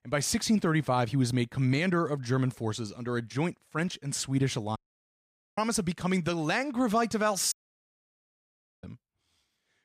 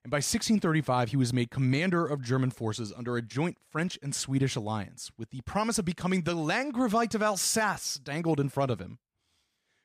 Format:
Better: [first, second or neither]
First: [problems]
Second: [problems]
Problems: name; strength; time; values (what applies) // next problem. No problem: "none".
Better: second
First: audio cutting out; at 5 s for 1 s and at 7.5 s for 1.5 s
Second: none